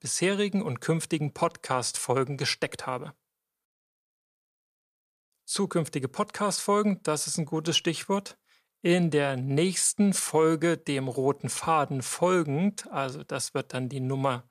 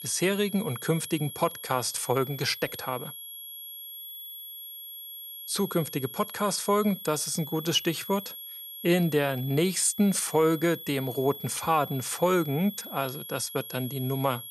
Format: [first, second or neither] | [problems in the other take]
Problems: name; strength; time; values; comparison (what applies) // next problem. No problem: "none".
first | high-pitched whine; noticeable; throughout; 11.5 kHz, 10 dB below the speech